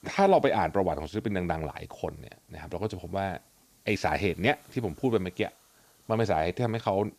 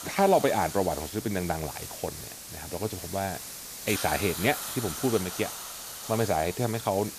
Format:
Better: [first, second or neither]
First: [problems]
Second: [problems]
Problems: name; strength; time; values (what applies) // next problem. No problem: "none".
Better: first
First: hiss; faint; throughout; 30 dB below the speech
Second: hiss; loud; throughout; 7 dB below the speech